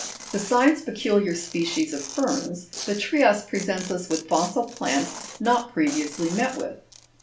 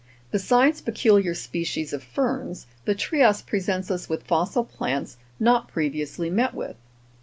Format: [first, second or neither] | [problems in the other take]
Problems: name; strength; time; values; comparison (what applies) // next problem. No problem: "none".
second | background sound (Tearing); 13 dB below the speech // room echo; dies away in 0.3 s